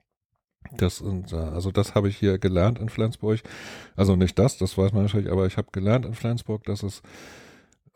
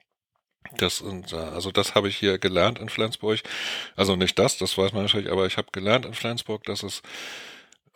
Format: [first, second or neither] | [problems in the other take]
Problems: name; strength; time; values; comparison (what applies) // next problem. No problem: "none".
first | thin; somewhat; fading below 700 Hz